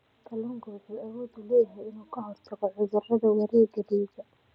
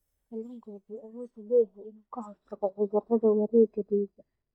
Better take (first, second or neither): first